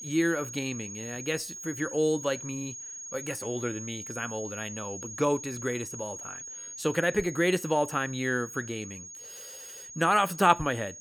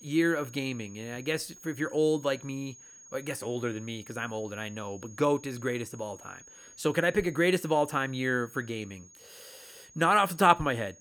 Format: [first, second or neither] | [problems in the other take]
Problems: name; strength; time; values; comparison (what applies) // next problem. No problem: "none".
second | high-pitched whine; loud; throughout; 6.5 kHz, 10 dB below the speech; faint in the second